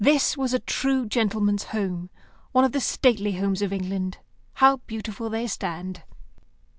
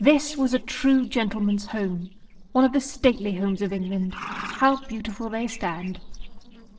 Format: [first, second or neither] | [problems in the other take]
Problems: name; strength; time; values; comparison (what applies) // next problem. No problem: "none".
first | noise reduction (neural separator model SepFormer DNS4)